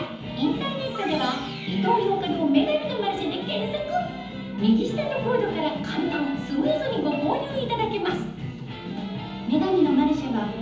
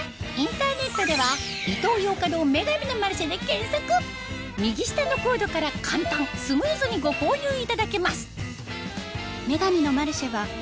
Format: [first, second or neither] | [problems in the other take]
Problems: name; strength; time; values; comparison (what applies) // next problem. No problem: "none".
second | room echo; dies away in 1.3 s